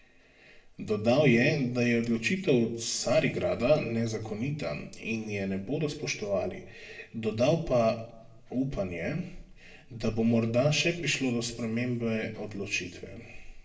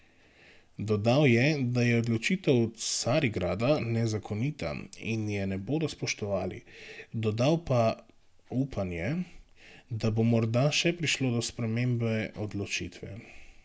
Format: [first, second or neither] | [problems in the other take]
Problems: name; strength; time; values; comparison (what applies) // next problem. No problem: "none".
second | room echo; dies away in 0.6 s